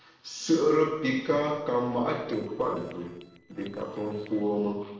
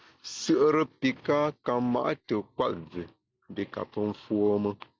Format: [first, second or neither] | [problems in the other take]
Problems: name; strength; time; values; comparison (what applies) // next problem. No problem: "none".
second | noise reduction (neural separator model SepFormer DNS4)